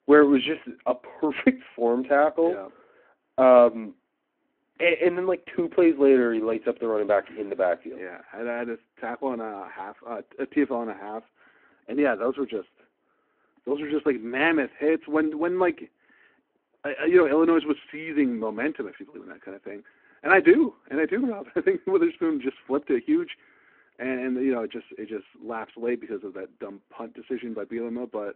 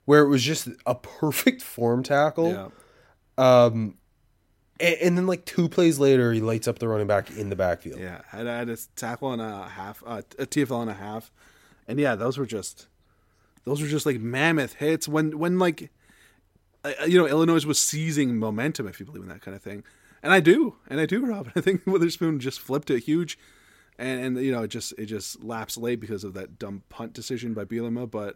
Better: second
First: phone-call audio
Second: none

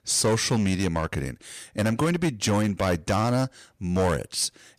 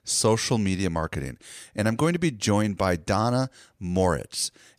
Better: second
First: distortion; slight; 9% of the sound clipped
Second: none

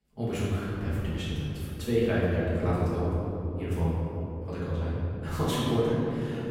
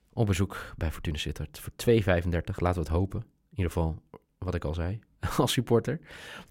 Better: second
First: off-mic speech; far // room echo; strong; dies away in 3 s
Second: none

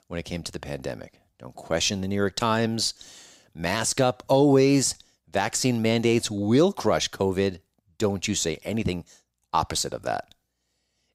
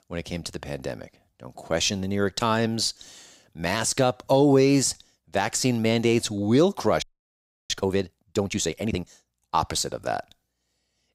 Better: first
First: none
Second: audio freezing; at 7 s for 0.5 s

